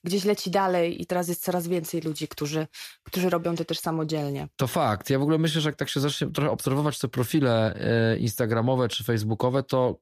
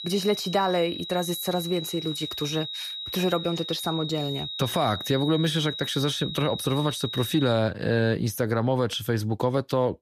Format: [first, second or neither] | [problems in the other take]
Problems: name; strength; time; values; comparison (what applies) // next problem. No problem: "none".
first | high-pitched whine; loud; until 7.5 s; 4 kHz, 6 dB below the speech